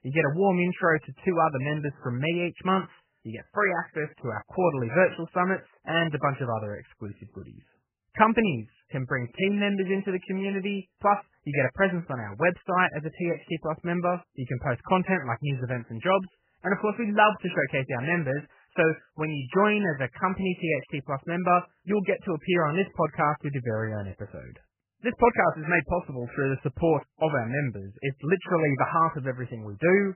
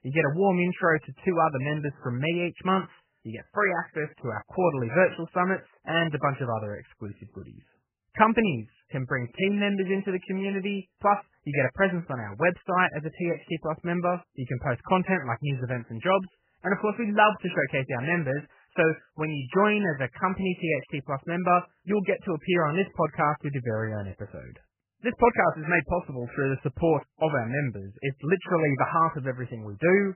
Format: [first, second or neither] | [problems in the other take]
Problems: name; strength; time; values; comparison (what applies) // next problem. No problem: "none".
neither | garbled, watery; badly; nothing above 3 kHz; the same in both